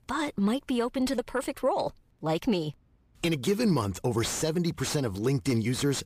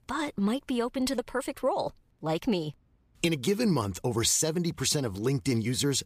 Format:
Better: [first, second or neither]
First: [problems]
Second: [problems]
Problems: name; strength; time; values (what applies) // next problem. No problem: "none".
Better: second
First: distortion; slight; 10 dB below the speech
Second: none